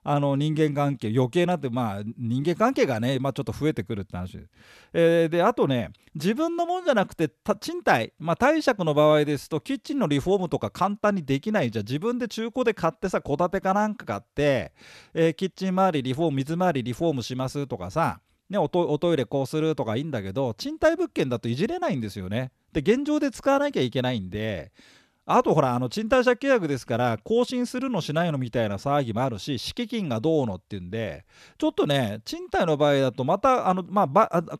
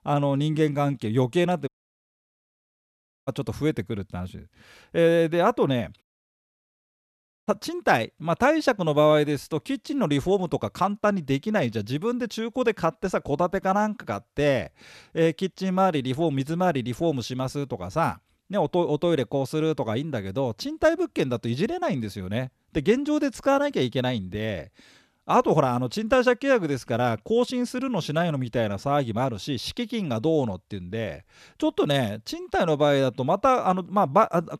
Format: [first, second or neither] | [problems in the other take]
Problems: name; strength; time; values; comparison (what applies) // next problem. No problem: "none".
first | audio cutting out; at 1.5 s for 1.5 s and at 6 s for 1.5 s